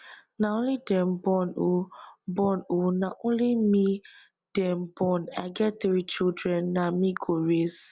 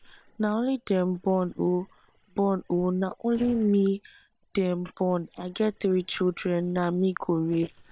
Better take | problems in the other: first | noise reduction (neural separator model SepFormer WHAM!)

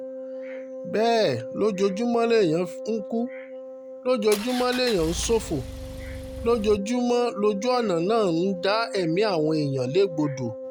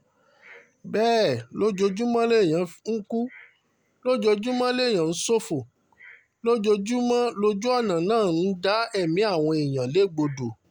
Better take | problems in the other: second | background sound (Wind instrument, woodwind instrument + Engine); 11 dB below the speech

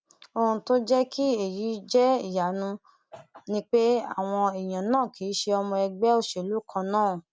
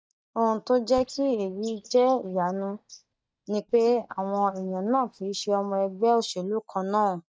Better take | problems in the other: first | noise reduction (neural mask model DeepFilterNet 3)

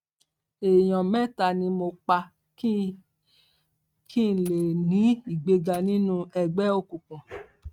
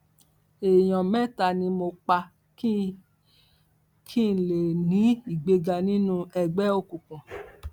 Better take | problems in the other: second | noise reduction (neural mask model RNNoise)

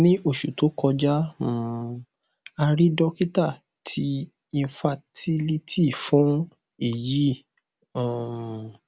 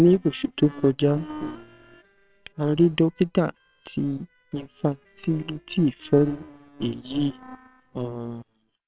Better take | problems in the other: first | noise reduction (neural separator model SepFormer WHAMR!)

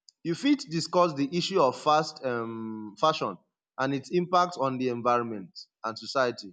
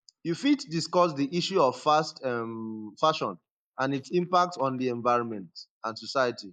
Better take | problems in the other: first | noise reduction (neural mask model Resemble Enhance denoiser)

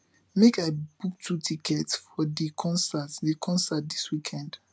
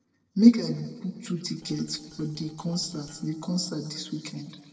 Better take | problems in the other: first | noise reduction (neural separator model SepFormer DNS4)

